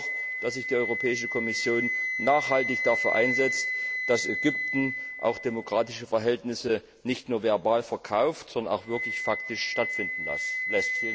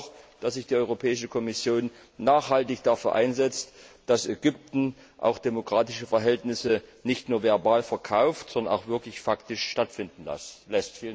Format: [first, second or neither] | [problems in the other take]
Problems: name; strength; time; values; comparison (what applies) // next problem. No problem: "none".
second | background sound (Wind instrument, woodwind instrument); 3 dB below the speech